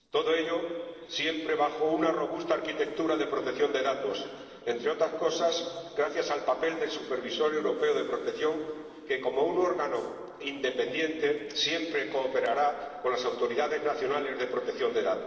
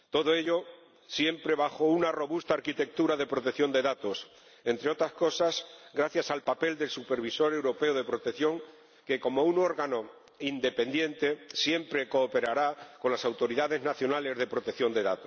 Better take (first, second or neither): second